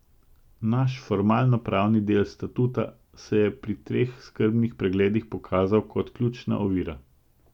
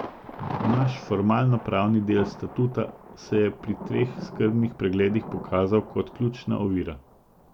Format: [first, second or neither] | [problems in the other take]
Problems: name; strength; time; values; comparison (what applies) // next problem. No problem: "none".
first | background sound (Thunder); 12 dB below the speech